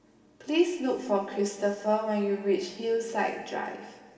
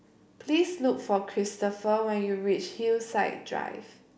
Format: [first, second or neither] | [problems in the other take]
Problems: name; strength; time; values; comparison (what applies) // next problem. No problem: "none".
second | room echo; dies away in 2.2 s